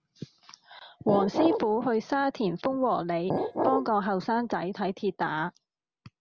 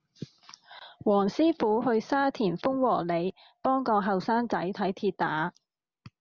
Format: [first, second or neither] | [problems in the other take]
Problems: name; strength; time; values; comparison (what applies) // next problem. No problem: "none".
second | background sound (Glass); 2 dB below the speech